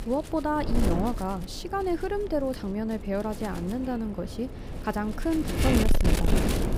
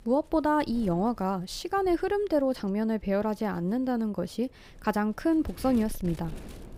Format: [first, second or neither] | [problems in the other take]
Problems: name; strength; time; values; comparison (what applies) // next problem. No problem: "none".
second | wind noise on the microphone; heavy; 4 dB below the speech; occasional gusts in the second